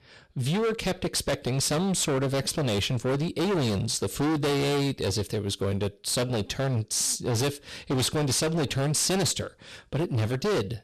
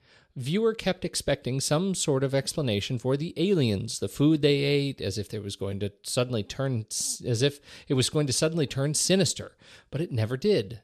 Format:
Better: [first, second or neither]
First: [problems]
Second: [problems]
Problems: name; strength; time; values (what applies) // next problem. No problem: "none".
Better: second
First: distortion; heavy; 28% of the sound clipped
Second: none